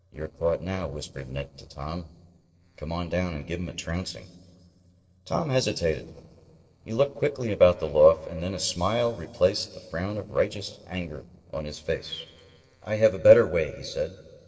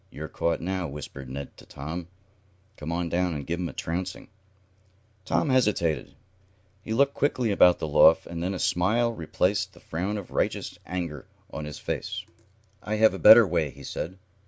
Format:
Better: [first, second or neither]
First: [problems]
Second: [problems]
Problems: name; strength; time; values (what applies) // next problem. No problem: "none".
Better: second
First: noise reduction (neural separator model SepFormer DNS4)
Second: none